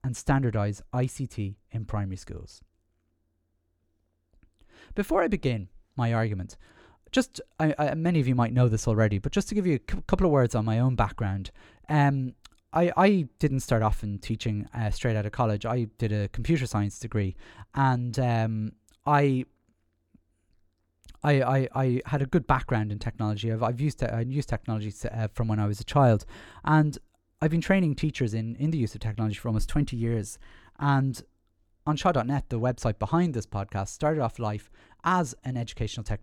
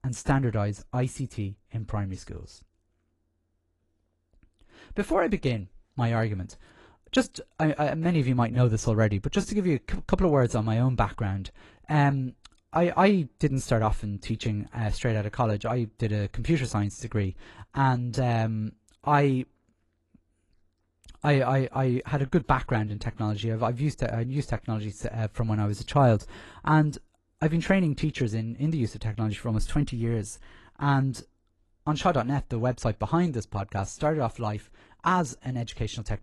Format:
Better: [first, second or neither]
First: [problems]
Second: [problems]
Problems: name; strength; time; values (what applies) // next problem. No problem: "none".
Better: first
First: none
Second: garbled, watery; slightly; nothing above 11 kHz